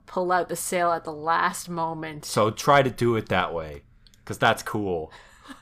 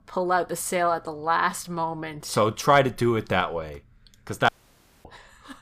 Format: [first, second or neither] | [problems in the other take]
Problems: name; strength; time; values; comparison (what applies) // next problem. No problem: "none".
first | audio cutting out; at 4.5 s for 0.5 s